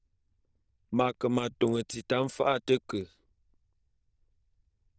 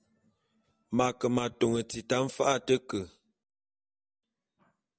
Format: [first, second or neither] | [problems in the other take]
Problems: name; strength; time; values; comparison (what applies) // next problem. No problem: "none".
second | noise reduction (neural diffusion model UNIVERSE++)